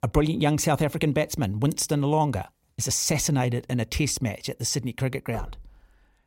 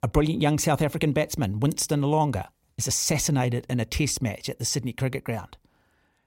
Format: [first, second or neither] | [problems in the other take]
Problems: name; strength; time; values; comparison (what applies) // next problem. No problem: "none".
second | door banging; faint; at 5.5 s; peak 15 dB below the speech